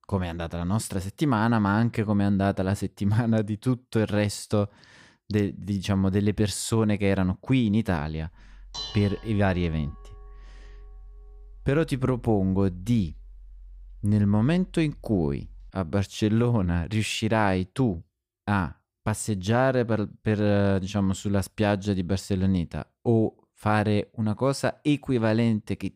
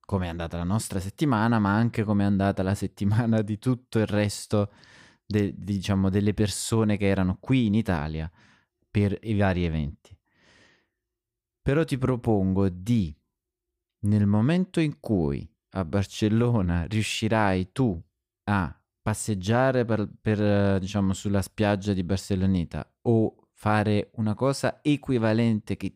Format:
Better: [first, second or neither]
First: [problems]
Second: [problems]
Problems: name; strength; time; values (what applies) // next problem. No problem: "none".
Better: second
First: clattering dishes; noticeable; from 8.5 to 16 s; peak 8 dB below the speech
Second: none